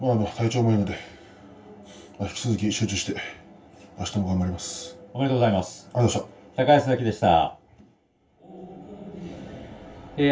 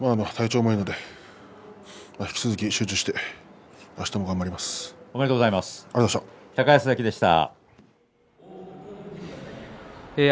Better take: second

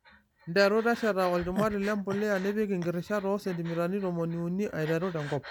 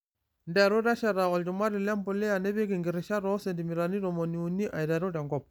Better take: second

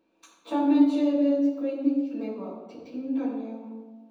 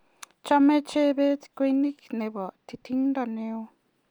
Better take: second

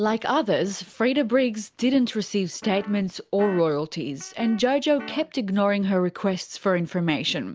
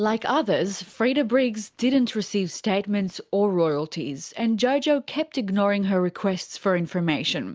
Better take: second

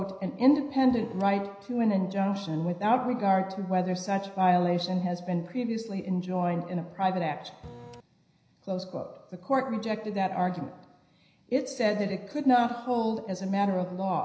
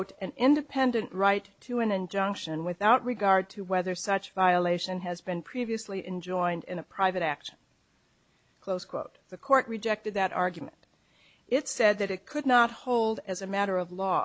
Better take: second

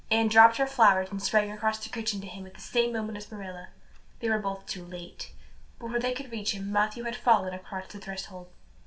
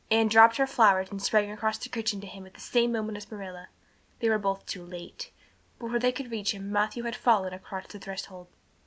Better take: second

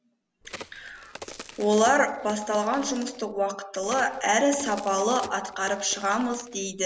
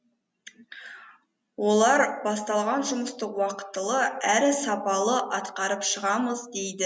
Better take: second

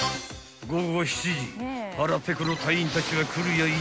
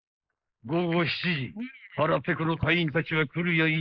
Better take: first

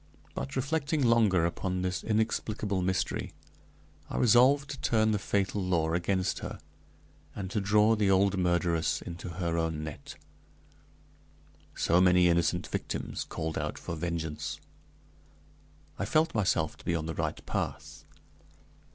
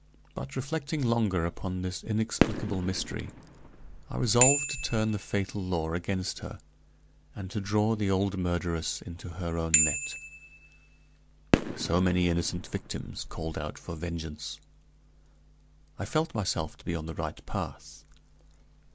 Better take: first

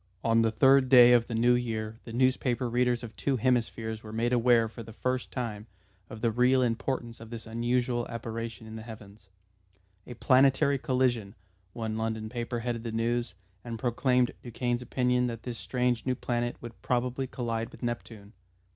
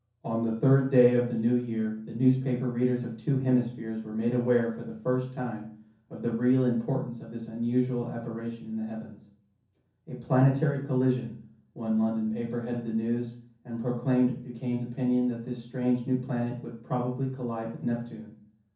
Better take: first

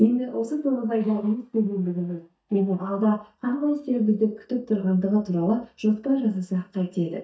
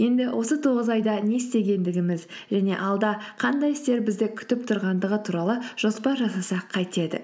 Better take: second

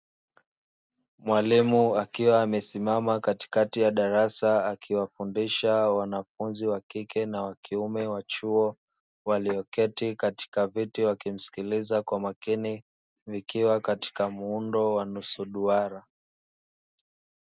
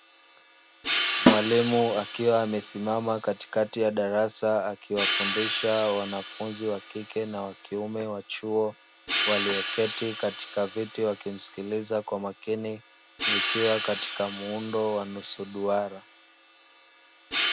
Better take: first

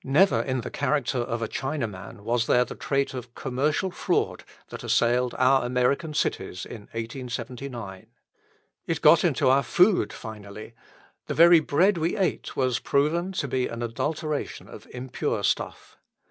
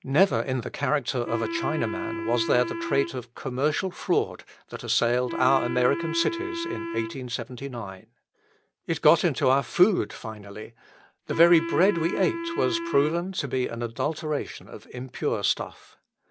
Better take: first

